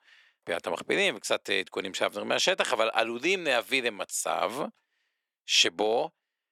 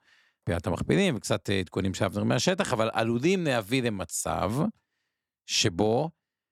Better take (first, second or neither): second